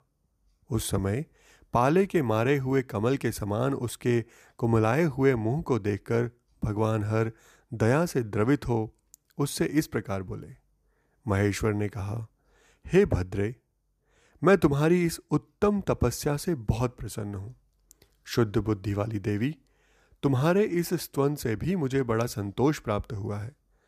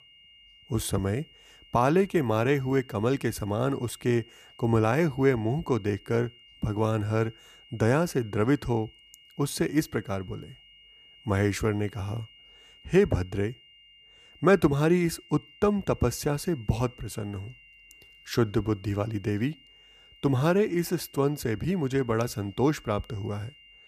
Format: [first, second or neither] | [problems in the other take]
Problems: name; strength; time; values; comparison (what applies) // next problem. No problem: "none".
first | high-pitched whine; faint; throughout; 3 kHz, 25 dB below the speech